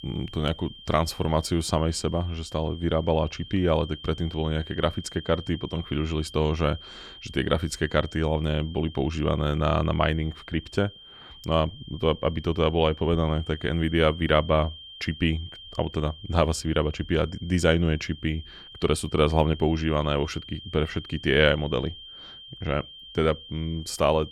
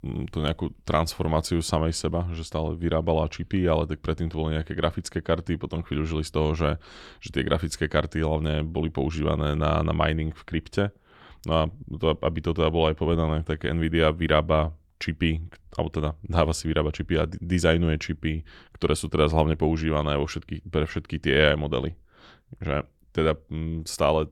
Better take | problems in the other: second | high-pitched whine; noticeable; throughout; 3 kHz, 15 dB below the speech

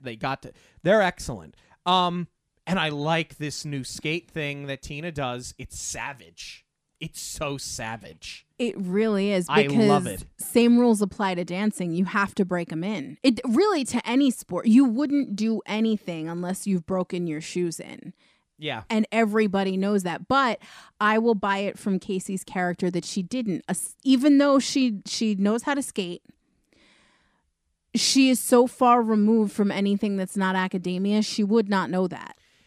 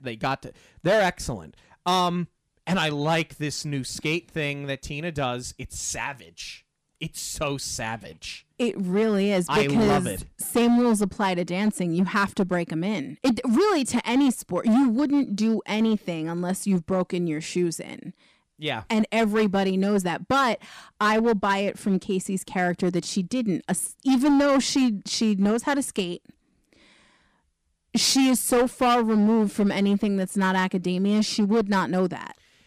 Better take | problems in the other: first | distortion; slight; 7% of the sound clipped

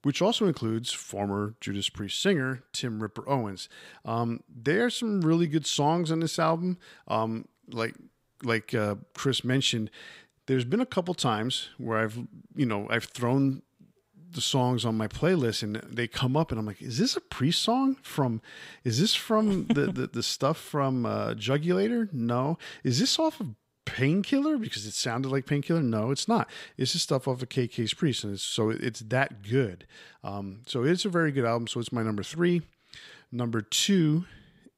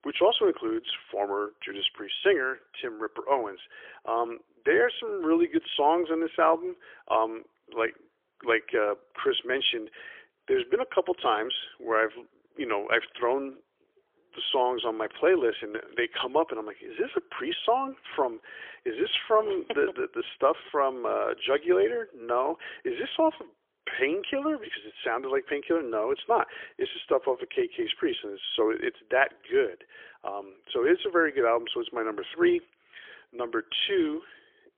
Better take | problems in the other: first | phone-call audio; poor line; nothing above 3.5 kHz

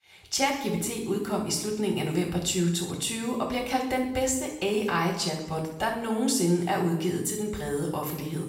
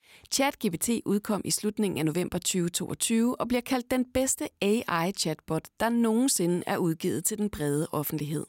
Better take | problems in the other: second | room echo; noticeable; dies away in 0.8 s // off-mic speech; far

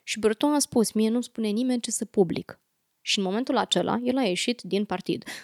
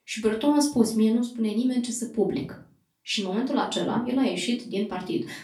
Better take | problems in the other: first | off-mic speech; far // room echo; slight; dies away in 0.3 s

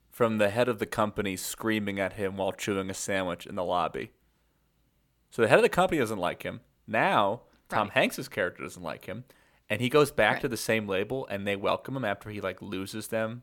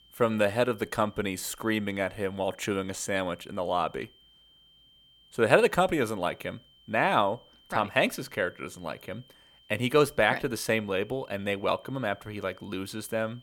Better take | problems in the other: first | high-pitched whine; faint; throughout; 3 kHz, 30 dB below the speech

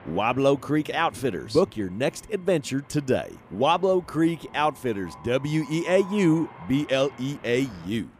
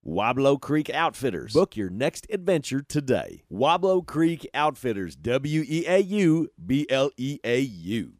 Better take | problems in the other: second | train or aircraft noise; faint; throughout; 20 dB below the speech

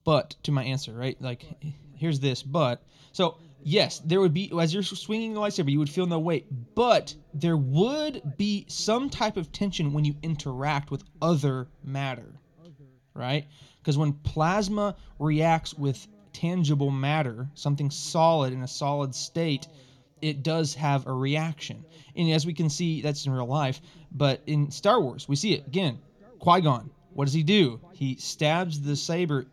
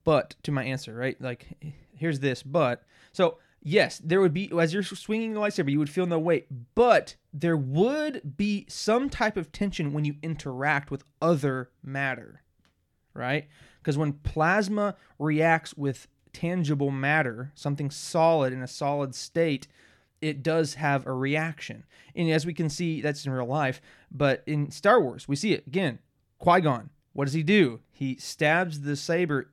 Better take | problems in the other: second | room echo; slight; dies away in 3 s

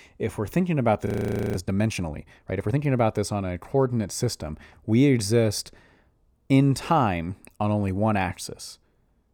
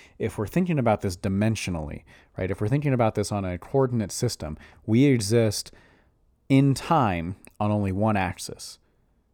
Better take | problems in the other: second | audio freezing; at 1 s

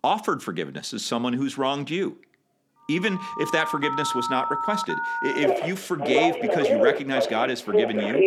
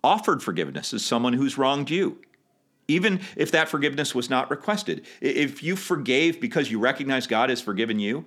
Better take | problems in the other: second | alarms or sirens; very loud; from 3 s on; 1 dB above the speech

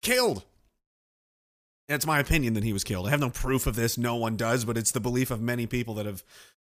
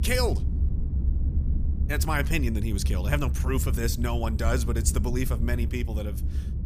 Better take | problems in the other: first | low rumble; noticeable; throughout; 15 dB below the speech

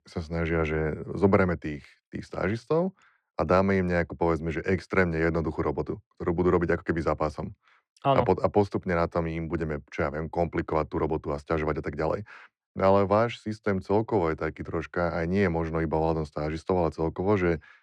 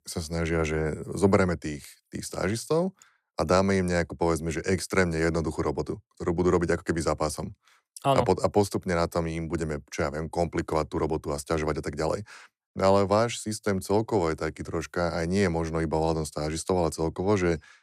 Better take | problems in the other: second | muffled; slightly; fading above 2.5 kHz

